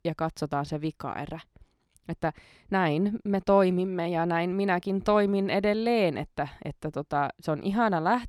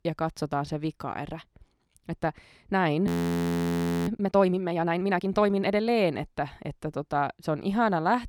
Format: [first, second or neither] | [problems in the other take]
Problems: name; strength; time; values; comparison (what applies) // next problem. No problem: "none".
first | audio freezing; at 3 s for 1 s